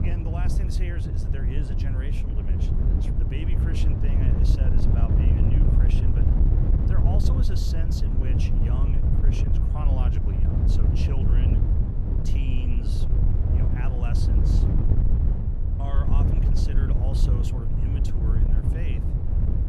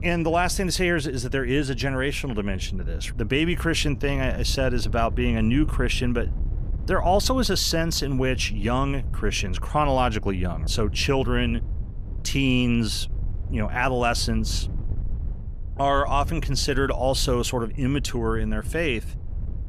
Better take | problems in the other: second | wind noise on the microphone; heavy; 4 dB above the speech; occasional gusts in the second

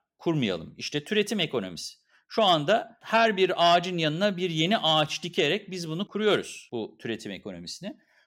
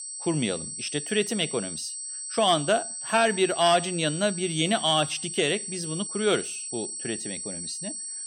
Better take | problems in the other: first | high-pitched whine; loud; throughout; 8 kHz, 6 dB below the speech

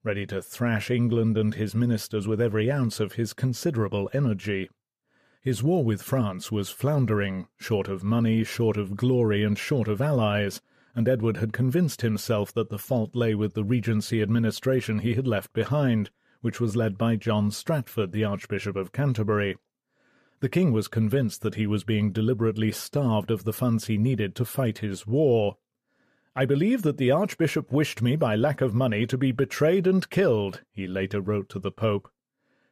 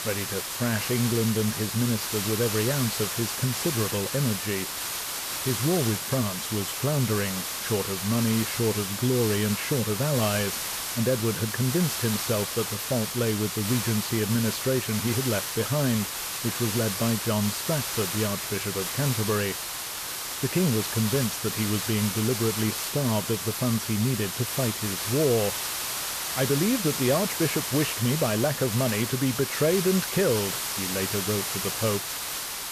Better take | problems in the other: first | hiss; loud; throughout; 2 dB below the speech

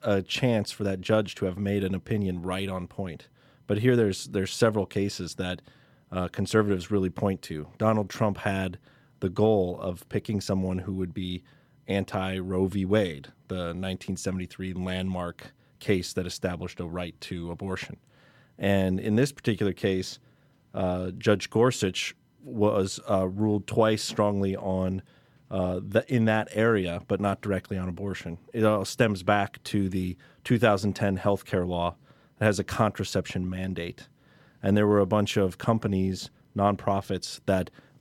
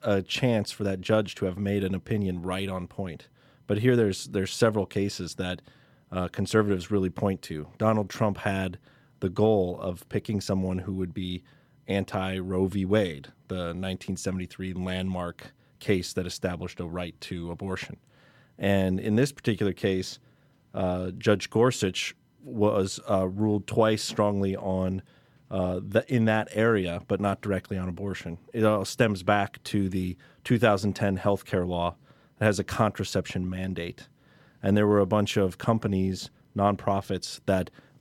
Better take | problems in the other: neither | none

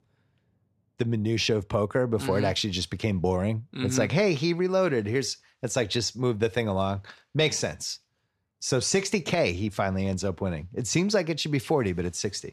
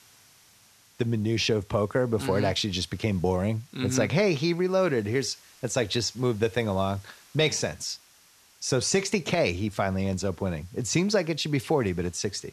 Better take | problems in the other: first | hiss; faint; throughout; 30 dB below the speech

